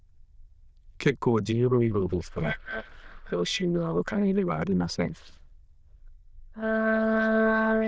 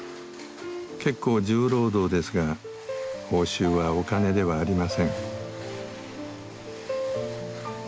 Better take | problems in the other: second | noise reduction (neural diffusion model UNIVERSE++)

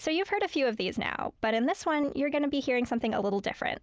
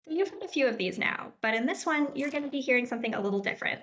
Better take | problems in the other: first | noise reduction (neural mask model DeepFilterNet 3)

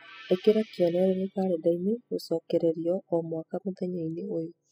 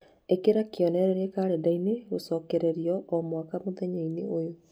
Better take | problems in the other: second | noise reduction (classical method spectral subtraction)

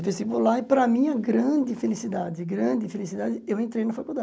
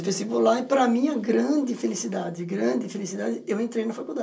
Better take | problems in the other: first | room echo; dies away in 0.2 s

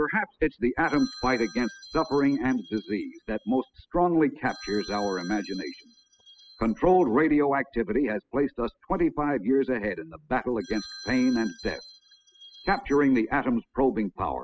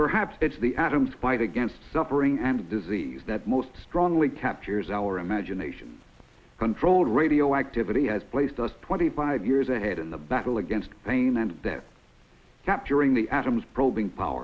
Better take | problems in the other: second | noise reduction (classical method spectral subtraction)

